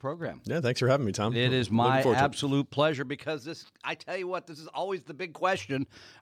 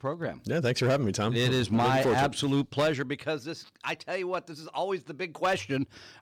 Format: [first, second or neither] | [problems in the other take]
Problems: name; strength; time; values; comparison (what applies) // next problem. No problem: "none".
first | distortion; slight; 6% of the sound clipped